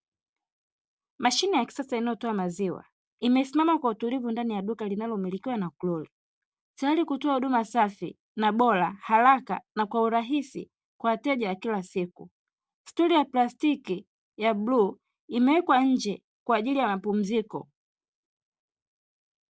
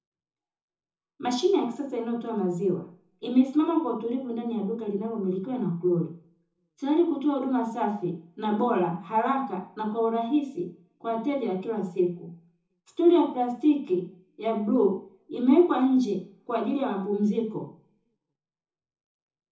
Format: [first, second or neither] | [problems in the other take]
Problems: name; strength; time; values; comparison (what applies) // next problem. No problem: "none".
first | room echo; dies away in 0.5 s